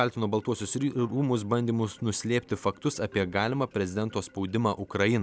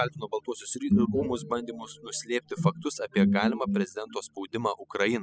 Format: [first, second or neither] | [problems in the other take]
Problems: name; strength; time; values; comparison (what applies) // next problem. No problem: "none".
first | noise reduction (classical method spectral subtraction)